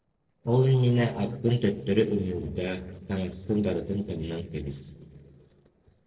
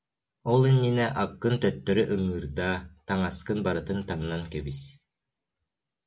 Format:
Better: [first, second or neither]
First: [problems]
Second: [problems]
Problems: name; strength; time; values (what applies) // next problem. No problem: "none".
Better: second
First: noise reduction (neural separator model SepFormer DNS4)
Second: none